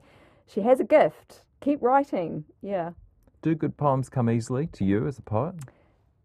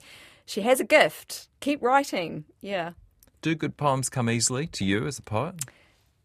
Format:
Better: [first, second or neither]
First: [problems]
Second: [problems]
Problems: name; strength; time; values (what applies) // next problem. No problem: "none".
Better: second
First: muffled; very; fading above 2 kHz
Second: none